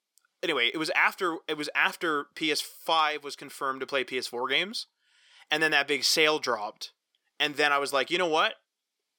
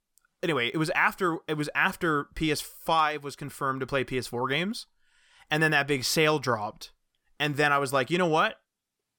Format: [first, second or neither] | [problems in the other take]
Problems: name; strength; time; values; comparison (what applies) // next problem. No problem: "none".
second | thin; somewhat; fading below 350 Hz